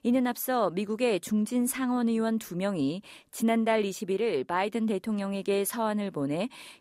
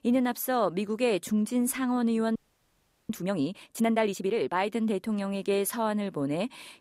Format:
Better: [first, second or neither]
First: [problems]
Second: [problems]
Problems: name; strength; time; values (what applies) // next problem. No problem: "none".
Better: first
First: none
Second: audio freezing; at 2.5 s for 0.5 s